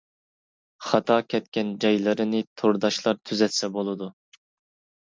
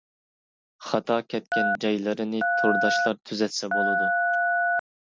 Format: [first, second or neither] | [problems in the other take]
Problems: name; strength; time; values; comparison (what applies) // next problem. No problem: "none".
first | background sound (Telephone); 4 dB above the speech